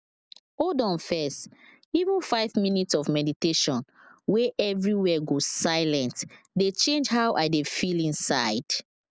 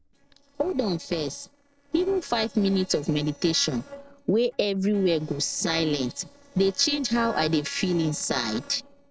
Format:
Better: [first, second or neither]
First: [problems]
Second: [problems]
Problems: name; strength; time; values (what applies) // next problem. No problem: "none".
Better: first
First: none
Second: noise reduction (neural separator model SepFormer DNS4)